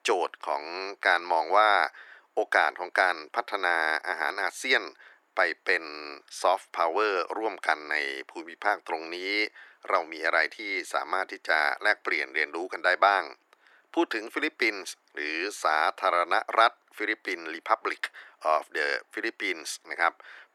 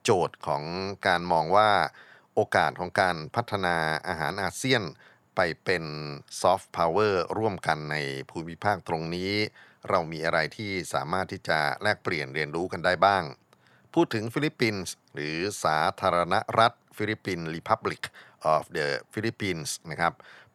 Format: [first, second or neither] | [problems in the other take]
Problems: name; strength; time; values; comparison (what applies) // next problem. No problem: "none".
second | thin; very; fading below 300 Hz